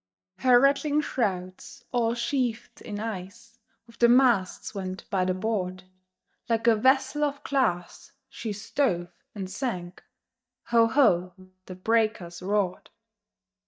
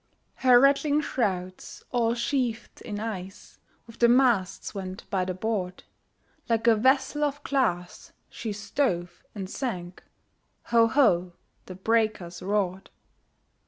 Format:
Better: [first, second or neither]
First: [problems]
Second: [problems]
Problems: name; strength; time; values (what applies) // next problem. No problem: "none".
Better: second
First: noise reduction (neural mask model DeepFilterNet 3)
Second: none